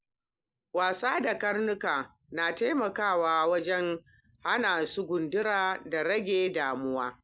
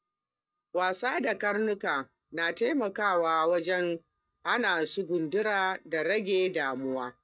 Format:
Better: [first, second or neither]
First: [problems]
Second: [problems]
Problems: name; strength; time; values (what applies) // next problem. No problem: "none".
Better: first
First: none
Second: noise reduction (neural mask model DeepFilterNet 3)